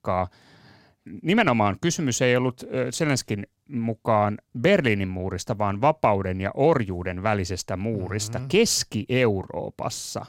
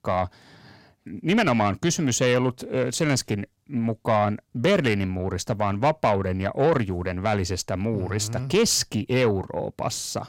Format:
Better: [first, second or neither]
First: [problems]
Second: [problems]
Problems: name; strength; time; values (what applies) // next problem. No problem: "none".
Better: first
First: none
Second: distortion; slight; 10 dB below the speech